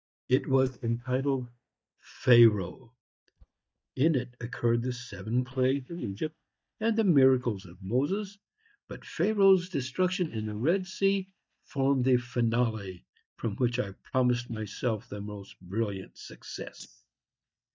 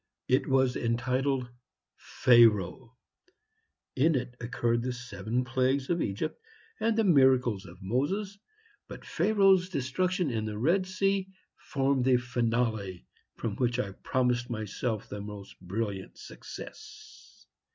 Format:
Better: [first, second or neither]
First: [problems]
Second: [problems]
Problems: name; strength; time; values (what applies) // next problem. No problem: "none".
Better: second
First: noise reduction (neural mask model DeepFilterNet 3)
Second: none